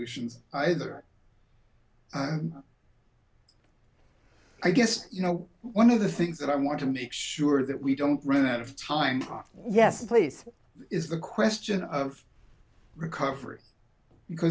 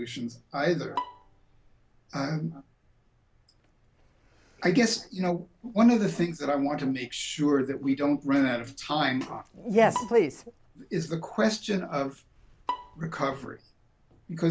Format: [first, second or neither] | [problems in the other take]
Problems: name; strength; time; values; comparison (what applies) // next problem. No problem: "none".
first | background sound (Bowed string instrument); 13 dB below the speech